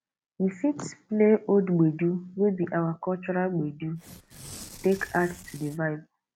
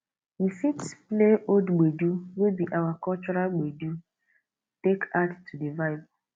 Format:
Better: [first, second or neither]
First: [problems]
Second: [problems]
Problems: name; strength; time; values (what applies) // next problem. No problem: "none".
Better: second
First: background sound (Tearing); 18 dB below the speech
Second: none